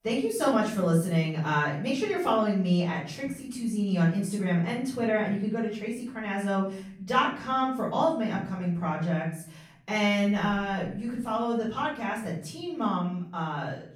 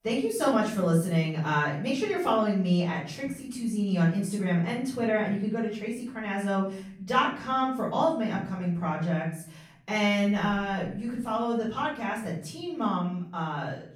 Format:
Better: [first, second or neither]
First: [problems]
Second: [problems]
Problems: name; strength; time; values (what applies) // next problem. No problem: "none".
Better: neither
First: room echo; noticeable; dies away in 0.5 s // off-mic speech; far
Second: room echo; noticeable; dies away in 0.5 s // off-mic speech; far